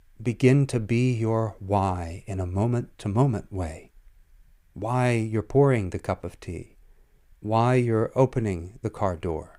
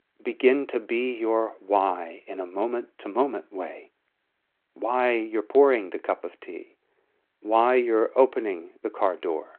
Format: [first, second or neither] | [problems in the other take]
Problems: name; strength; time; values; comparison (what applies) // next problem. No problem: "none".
first | phone-call audio